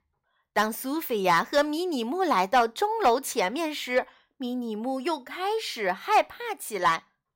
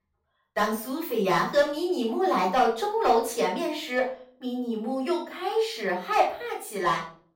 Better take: first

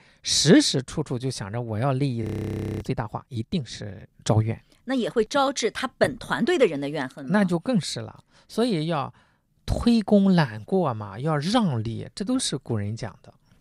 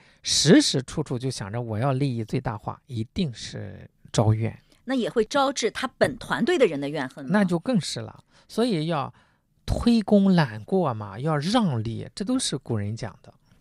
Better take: second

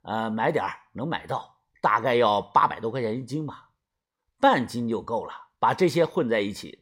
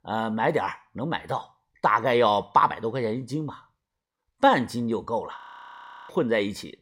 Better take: first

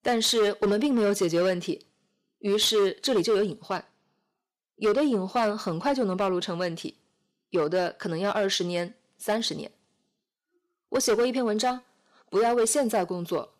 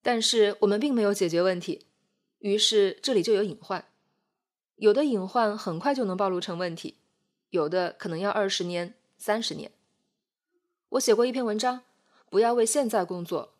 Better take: second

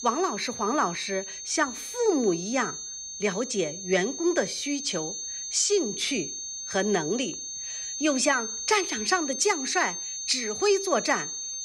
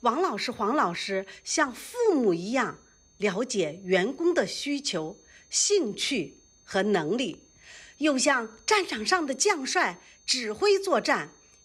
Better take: second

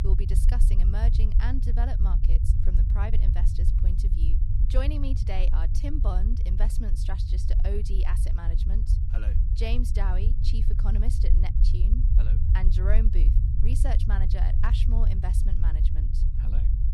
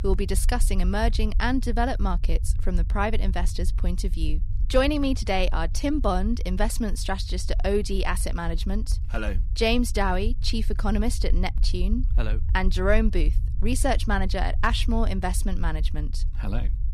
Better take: second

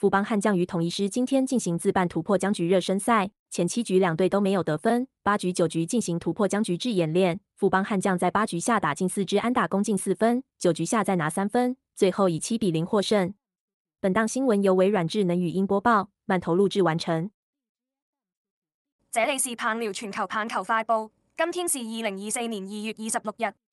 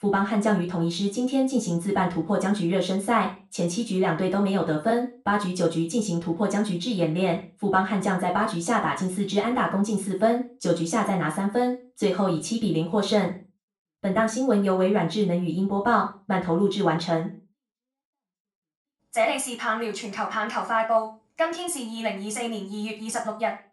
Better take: first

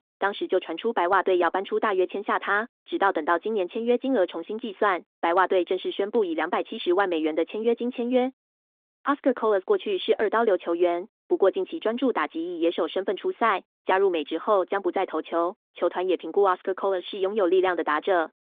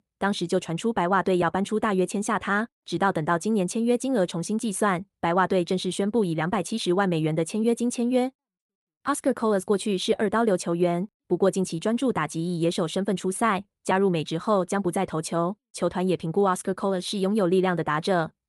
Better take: second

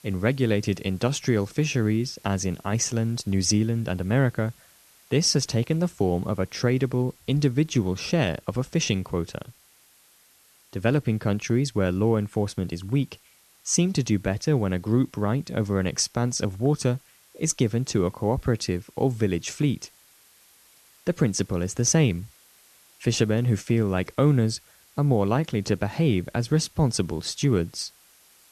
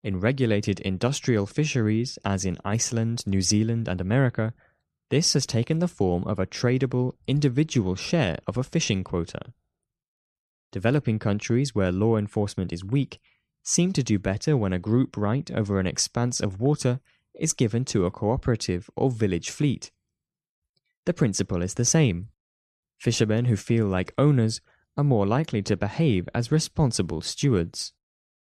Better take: second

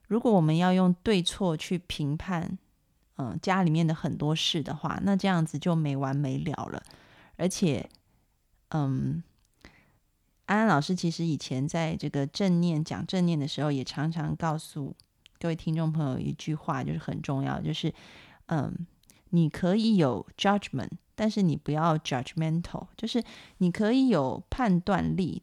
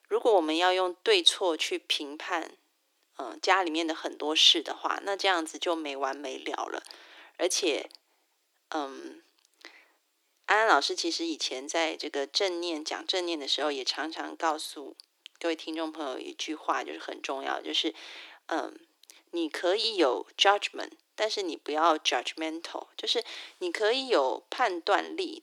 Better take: first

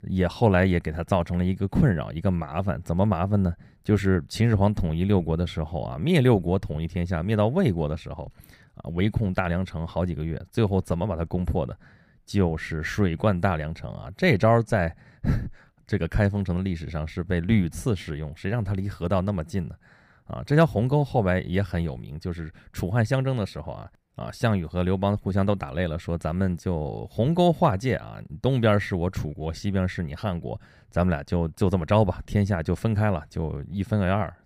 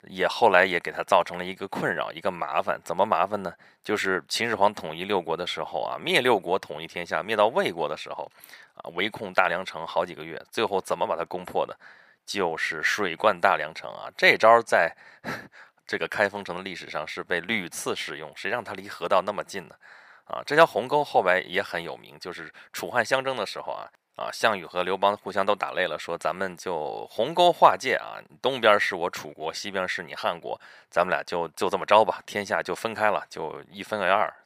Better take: first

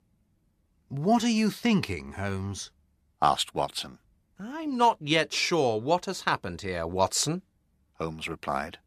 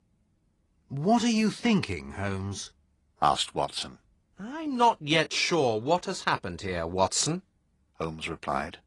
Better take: first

